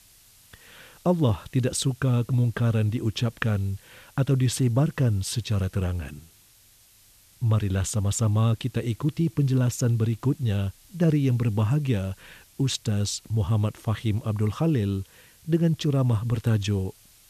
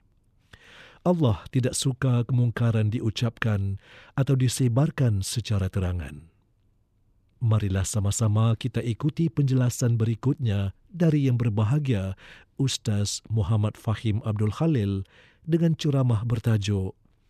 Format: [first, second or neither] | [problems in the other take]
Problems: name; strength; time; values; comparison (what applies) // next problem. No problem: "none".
second | hiss; faint; throughout; 30 dB below the speech